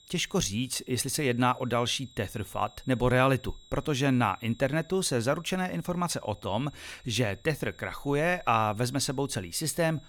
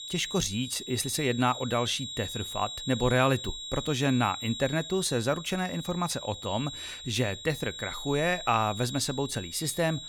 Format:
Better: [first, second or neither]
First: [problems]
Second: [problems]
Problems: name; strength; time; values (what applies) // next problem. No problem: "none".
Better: first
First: high-pitched whine; faint; throughout; 4 kHz, 25 dB below the speech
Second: high-pitched whine; loud; throughout; 4 kHz, 8 dB below the speech